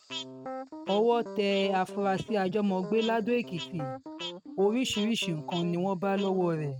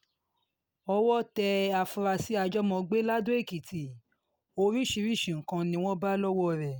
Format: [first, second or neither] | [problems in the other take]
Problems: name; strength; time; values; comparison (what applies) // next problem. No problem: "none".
second | noise reduction (neural mask model RNNoise)